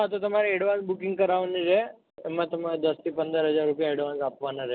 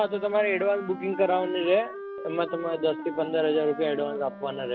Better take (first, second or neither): first